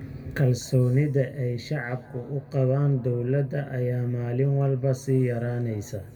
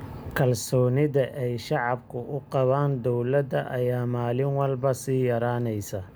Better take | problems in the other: second | room echo; dies away in 1.7 s

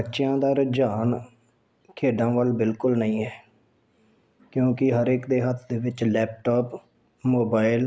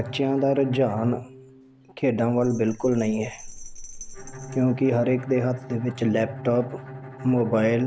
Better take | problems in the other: first | background sound (Bell + Bowed string instrument); 14 dB below the speech

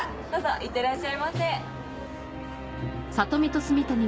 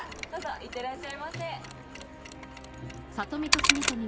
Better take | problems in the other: first | background sound (Mechanisms); 3 dB above the speech

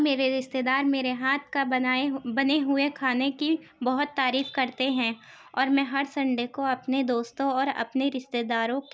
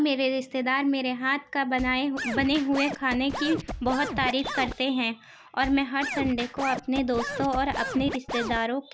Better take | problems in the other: first | background sound (Scratching (performance technique)); 8 dB below the speech

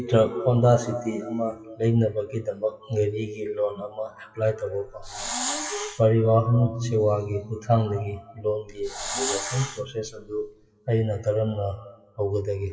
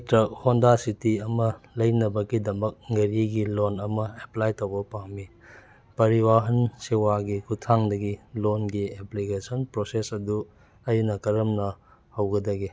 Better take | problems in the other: second | noise reduction (classical method WPE with log-MMSE)

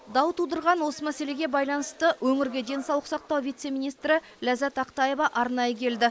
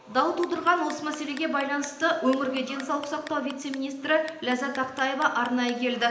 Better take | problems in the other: first | background sound (Clock); 20 dB below the speech // room echo; dies away in 0.9 s

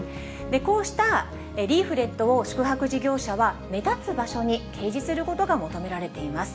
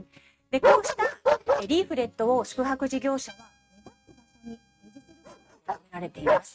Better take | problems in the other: first | noise reduction (neural mask model RNNoise)

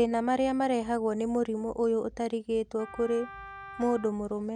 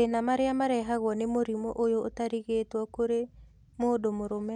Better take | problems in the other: second | background sound (Wind instrument, woodwind instrument); 18 dB below the speech

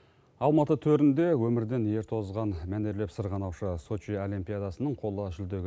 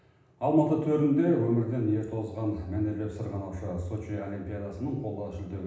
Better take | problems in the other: first | room echo; dies away in 0.9 s

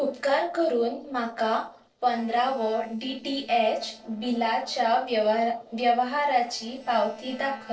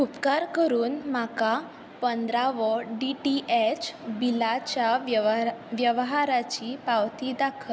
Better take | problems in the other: second | noise reduction (neural separator model SepFormer DNS4)

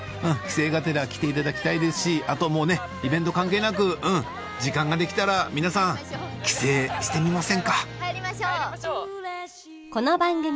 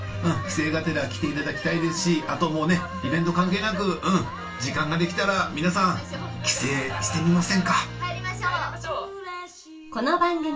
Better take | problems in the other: first | room echo; dies away in 0.2 s

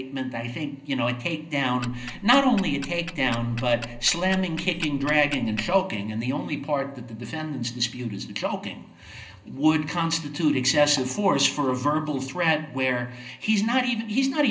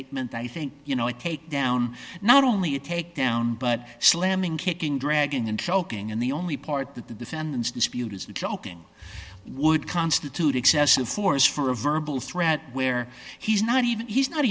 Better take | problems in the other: second | background sound (Tick-tock); 13 dB below the speech // room echo; dies away in 0.5 s

